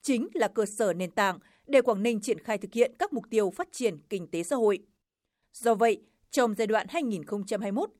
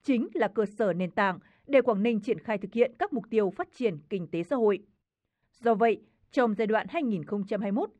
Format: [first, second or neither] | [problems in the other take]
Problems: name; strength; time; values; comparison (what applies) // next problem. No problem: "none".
first | muffled; slightly; fading above 2.5 kHz